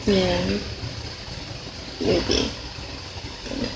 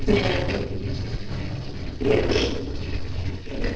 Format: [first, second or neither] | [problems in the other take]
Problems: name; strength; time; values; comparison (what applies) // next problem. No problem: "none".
first | noise reduction (neural separator model SepFormer DNS4)